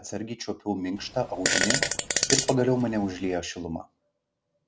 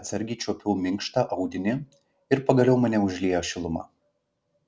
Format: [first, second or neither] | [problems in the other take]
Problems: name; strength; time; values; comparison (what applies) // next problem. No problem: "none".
second | background sound (Fart); 1 dB above the speech